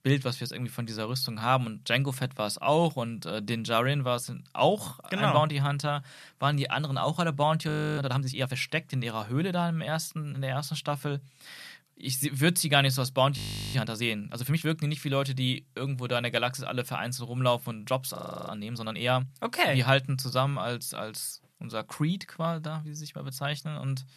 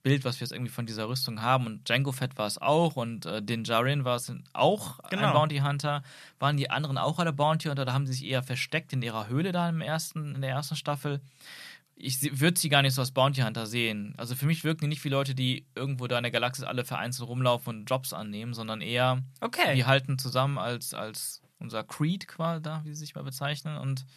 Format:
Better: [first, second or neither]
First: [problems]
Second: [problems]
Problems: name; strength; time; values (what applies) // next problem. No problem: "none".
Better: second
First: audio freezing; at 7.5 s, at 13 s and at 18 s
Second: none